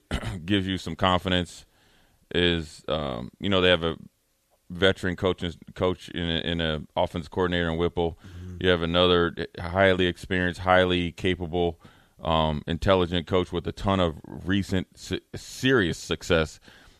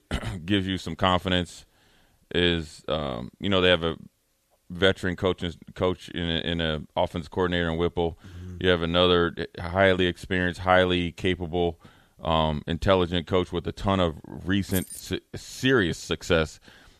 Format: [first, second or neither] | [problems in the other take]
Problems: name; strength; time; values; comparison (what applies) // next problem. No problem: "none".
first | jangling keys; noticeable; at 15 s; peak 10 dB below the speech